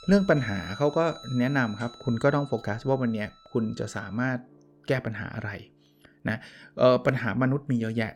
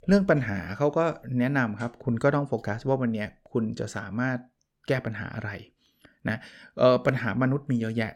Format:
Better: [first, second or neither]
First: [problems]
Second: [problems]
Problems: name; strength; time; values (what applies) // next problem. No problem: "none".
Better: second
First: background music; noticeable; throughout; 20 dB below the speech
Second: none